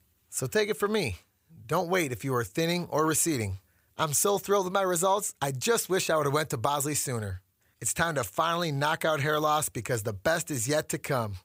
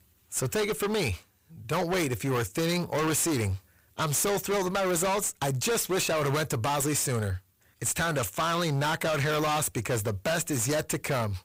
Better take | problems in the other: first | distortion; heavy; 28% of the sound clipped

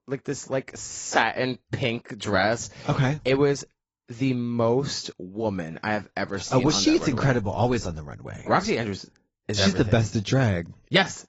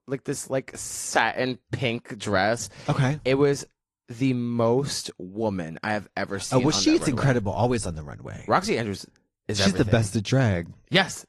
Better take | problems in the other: second | garbled, watery; badly; nothing above 7.5 kHz; slightly in the second

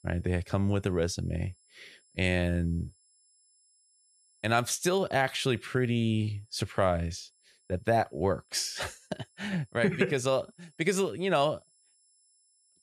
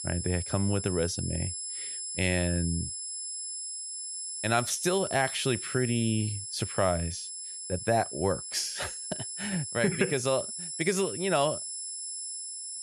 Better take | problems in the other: first | high-pitched whine; loud; throughout; 10 kHz, 5 dB below the speech; faint in the first

